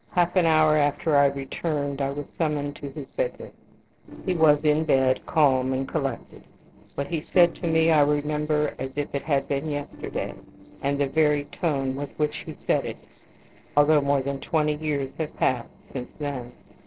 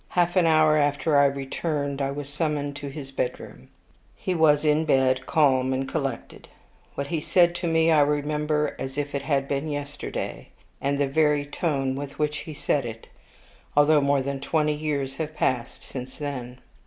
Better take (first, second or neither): second